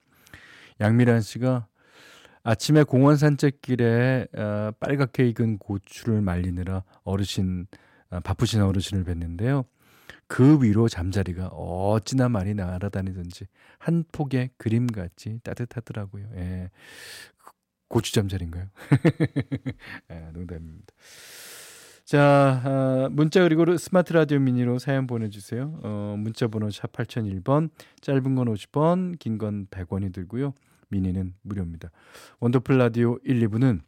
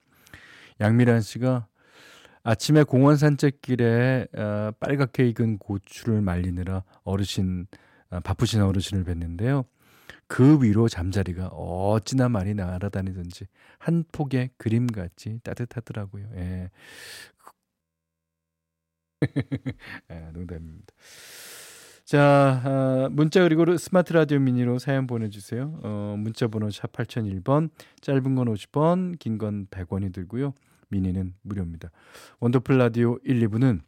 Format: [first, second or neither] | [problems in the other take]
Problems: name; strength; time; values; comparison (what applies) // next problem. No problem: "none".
first | audio freezing; at 18 s for 1.5 s